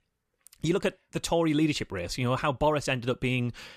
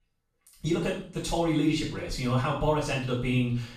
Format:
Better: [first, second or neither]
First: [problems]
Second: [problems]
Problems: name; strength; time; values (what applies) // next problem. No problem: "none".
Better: first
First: none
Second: room echo; noticeable; dies away in 0.5 s // off-mic speech; far